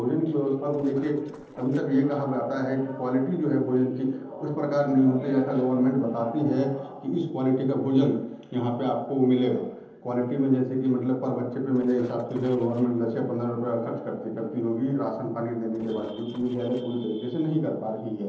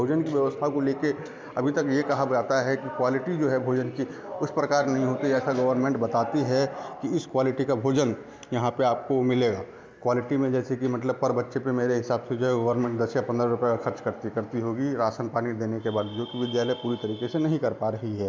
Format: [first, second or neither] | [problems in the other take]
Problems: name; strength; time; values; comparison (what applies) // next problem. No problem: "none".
second | noise reduction (neural separator model SepFormer DNS4)